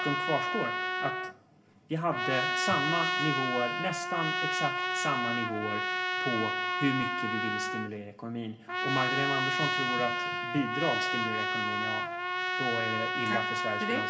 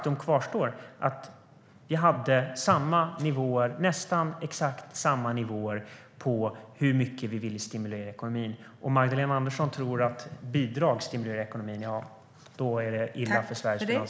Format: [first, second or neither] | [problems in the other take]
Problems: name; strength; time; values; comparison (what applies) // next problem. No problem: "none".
second | background sound (Trumpet); 3 dB above the speech // room echo; dies away in 0.2 s